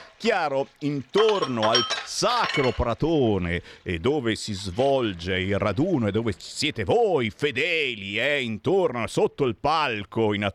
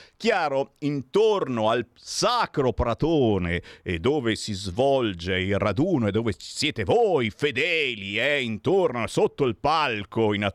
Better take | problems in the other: second | household noises; loud; throughout; 4 dB below the speech

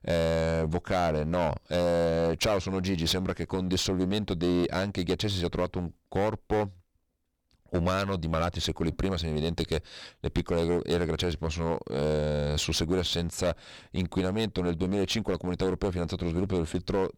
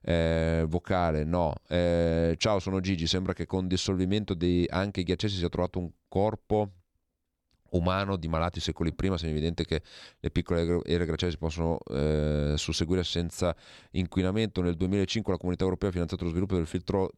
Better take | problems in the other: second | distortion; heavy; 12% of the sound clipped

